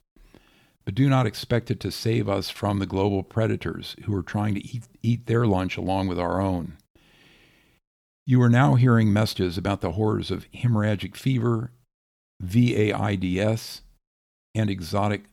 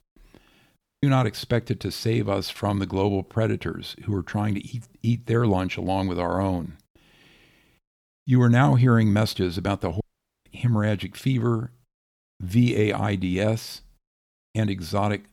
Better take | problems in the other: first | audio cutting out; at 1 s and at 10 s

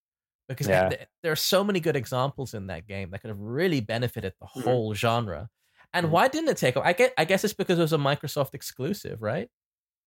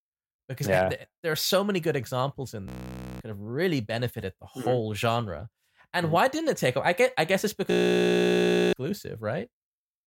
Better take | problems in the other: first | audio freezing; at 2.5 s for 0.5 s and at 7.5 s for 1 s

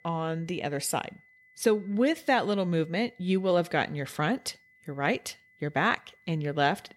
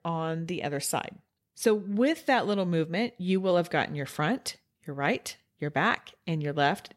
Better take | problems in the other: second | high-pitched whine; faint; throughout; 2 kHz, 30 dB below the speech

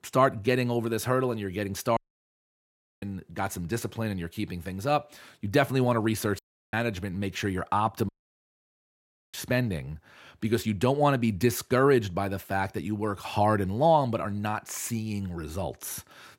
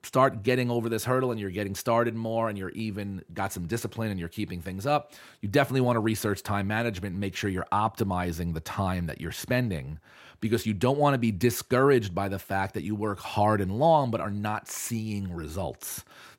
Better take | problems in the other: second | audio cutting out; at 2 s for 1 s, at 6.5 s and at 8 s for 1.5 s

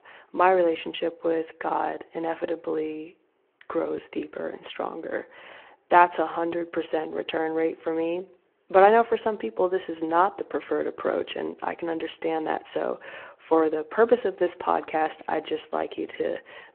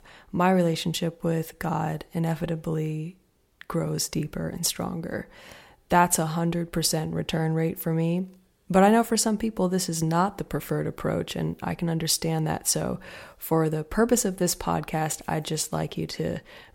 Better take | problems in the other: second | phone-call audio

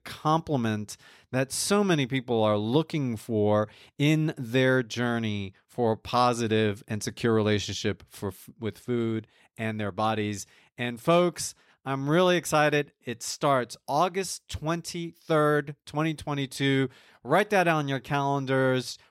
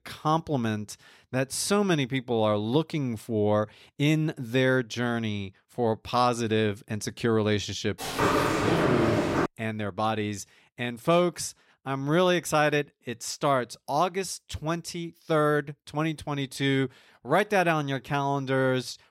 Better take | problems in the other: first | footsteps; loud; from 8 to 9.5 s; peak 3 dB above the speech

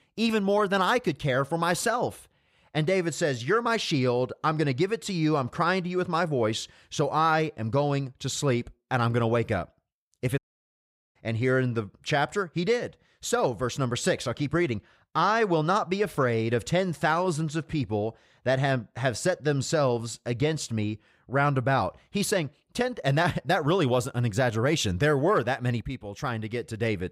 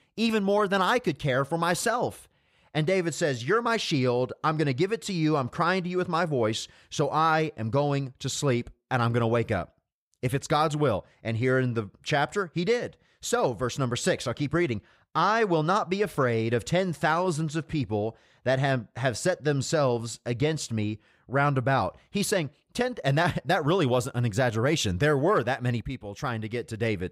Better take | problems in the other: second | audio cutting out; at 10 s for 1 s

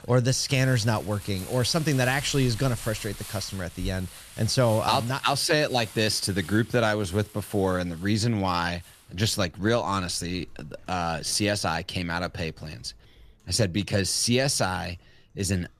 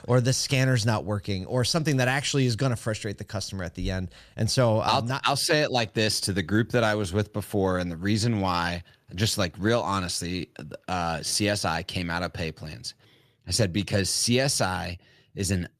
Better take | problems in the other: second | household noises; noticeable; throughout; 15 dB below the speech

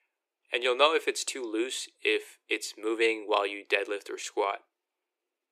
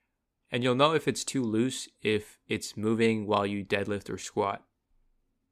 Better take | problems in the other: second | thin; very; fading below 350 Hz

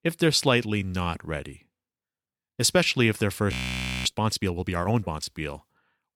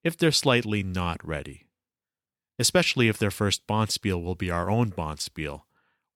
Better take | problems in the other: second | audio freezing; at 3.5 s for 0.5 s

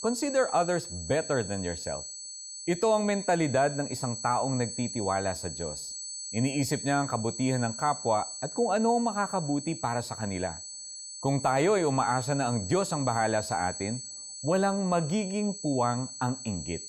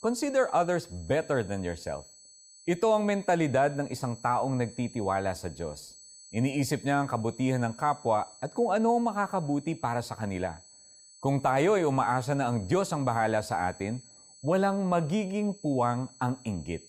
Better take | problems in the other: second | high-pitched whine; loud; throughout; 8 kHz, 8 dB below the speech; faint in the second

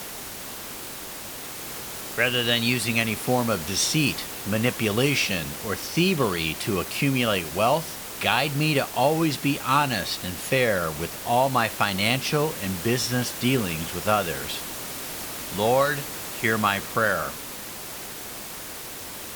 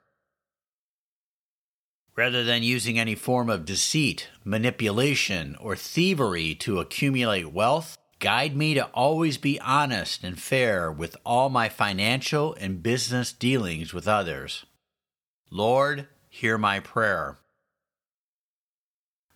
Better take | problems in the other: second | hiss; loud; throughout; 9 dB below the speech

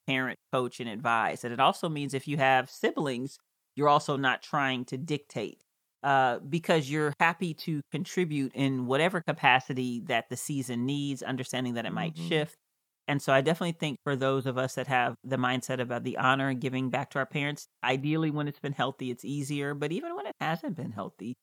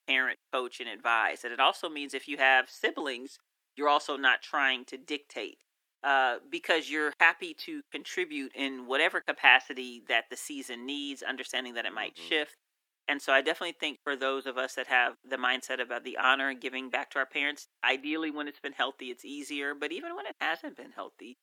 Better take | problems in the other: first | thin; somewhat; fading below 300 Hz

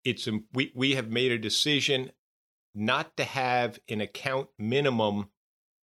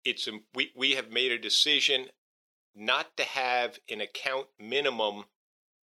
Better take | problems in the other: first | thin; somewhat; fading below 450 Hz

